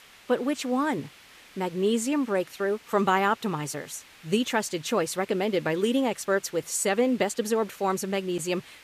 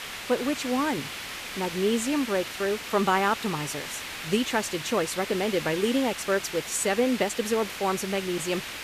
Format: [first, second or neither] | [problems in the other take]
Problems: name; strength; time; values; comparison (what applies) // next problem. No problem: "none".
first | hiss; loud; throughout; 7 dB below the speech; faint in the first